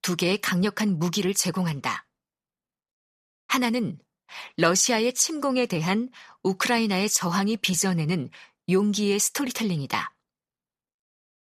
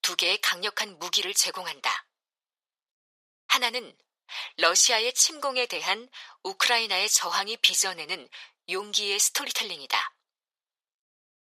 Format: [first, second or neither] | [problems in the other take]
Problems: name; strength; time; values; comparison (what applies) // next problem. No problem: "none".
first | thin; very; fading below 550 Hz